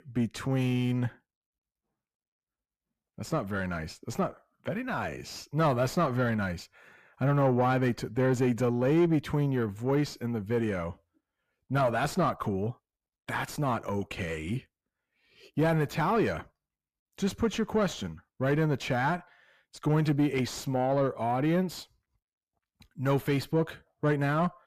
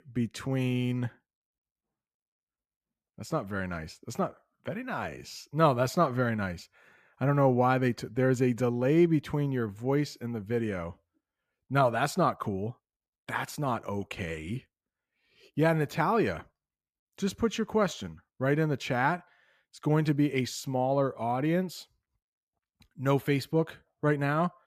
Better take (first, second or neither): second